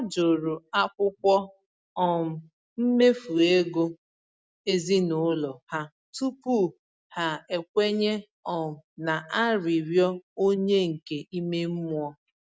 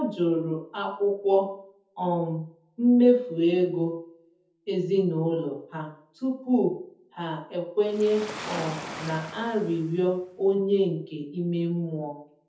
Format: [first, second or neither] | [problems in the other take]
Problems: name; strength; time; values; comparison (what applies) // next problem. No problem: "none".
first | background sound (Waves, surf); 13 dB below the speech // room echo; dies away in 0.5 s